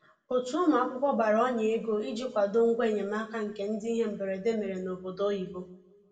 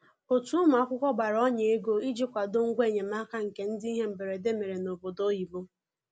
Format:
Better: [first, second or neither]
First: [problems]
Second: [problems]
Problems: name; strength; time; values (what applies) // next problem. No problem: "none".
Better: second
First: room echo; dies away in 0.6 s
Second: none